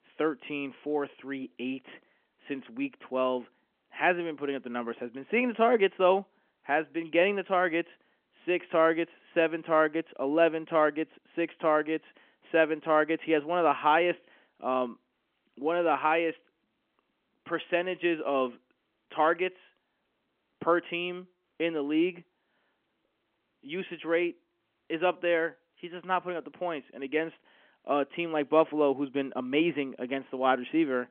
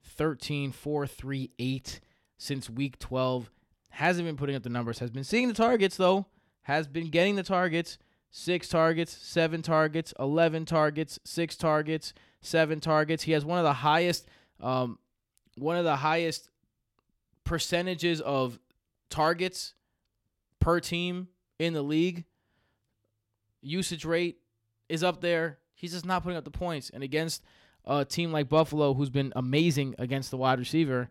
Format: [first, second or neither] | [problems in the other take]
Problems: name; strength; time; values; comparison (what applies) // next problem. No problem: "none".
second | phone-call audio